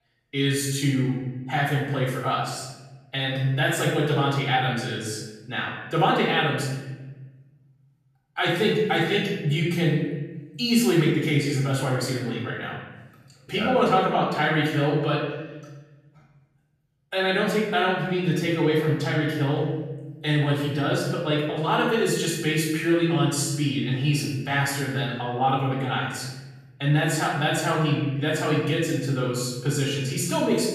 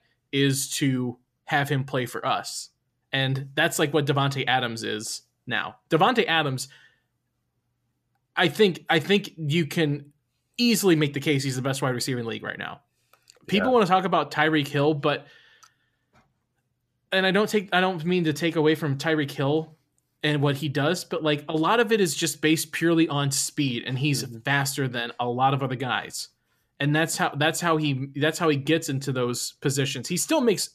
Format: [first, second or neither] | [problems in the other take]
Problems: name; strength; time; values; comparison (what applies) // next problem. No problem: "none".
second | off-mic speech; far // room echo; noticeable; dies away in 1.1 s